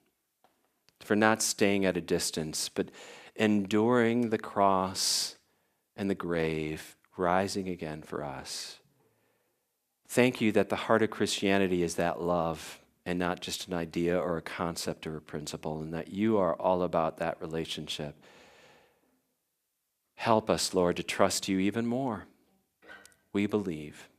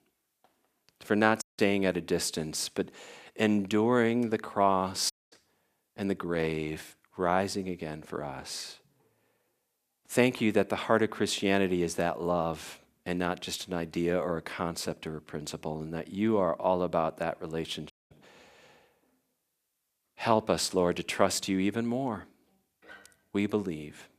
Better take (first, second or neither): first